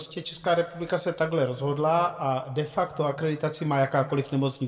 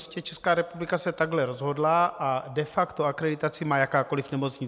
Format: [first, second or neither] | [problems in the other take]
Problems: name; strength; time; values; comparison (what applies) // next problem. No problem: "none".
second | noise reduction (neural separator model SepFormer DNS4)